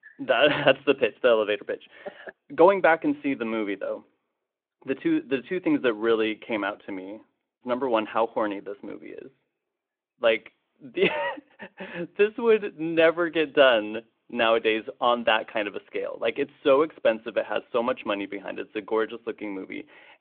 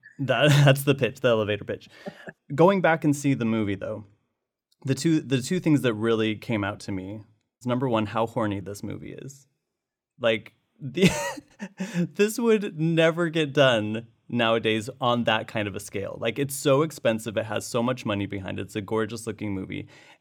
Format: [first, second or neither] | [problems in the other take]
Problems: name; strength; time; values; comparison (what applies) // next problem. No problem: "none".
second | phone-call audio; nothing above 3.5 kHz